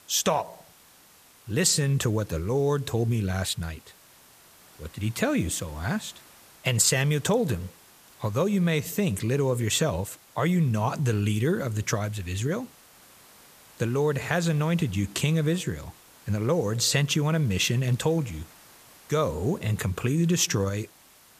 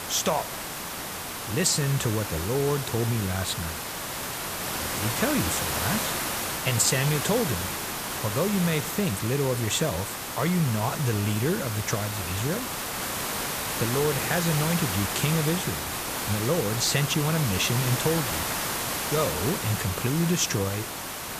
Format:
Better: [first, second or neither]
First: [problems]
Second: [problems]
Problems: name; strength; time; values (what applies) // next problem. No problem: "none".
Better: first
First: hiss; faint; throughout; 25 dB below the speech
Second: hiss; loud; throughout; 2 dB below the speech